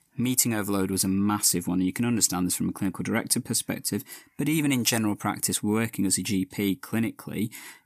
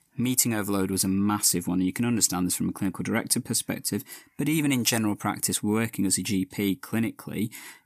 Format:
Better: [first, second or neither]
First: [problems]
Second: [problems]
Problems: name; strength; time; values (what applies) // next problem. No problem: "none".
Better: neither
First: none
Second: none